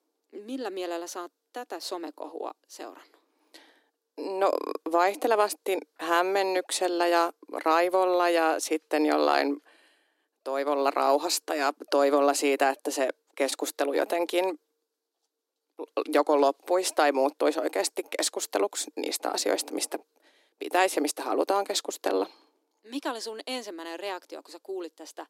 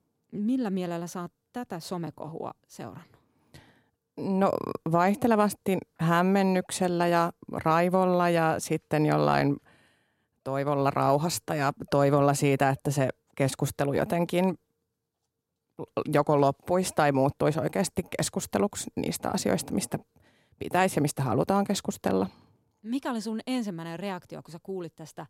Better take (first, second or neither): second